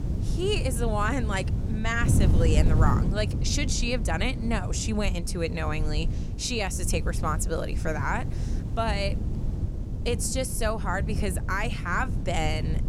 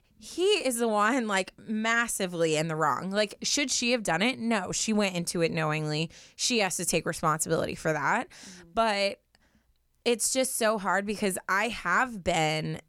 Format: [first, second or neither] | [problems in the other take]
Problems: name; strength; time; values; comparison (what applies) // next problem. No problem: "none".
second | wind noise on the microphone; occasional gusts; 10 dB below the speech